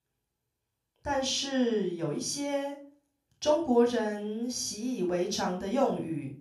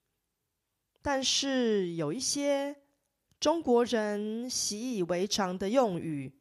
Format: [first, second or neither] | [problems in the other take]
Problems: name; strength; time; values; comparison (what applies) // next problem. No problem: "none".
second | off-mic speech; somewhat distant // room echo; slight; dies away in 0.3 s